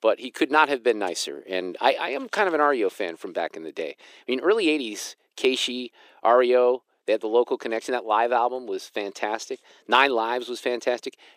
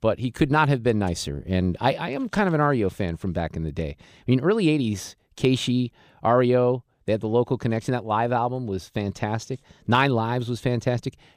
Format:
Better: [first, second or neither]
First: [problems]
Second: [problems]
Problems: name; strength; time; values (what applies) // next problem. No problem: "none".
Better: second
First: thin; very; fading below 350 Hz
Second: none